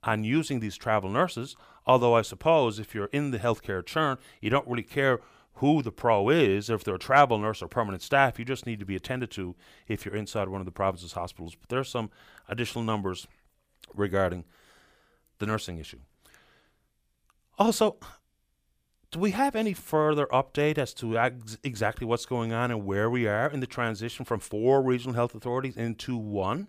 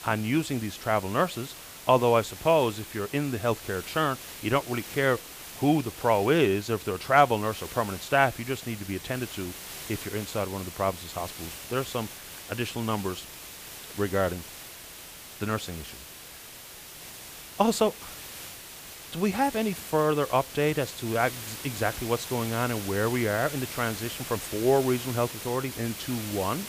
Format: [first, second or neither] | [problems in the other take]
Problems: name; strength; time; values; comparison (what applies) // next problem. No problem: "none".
first | hiss; noticeable; throughout; 10 dB below the speech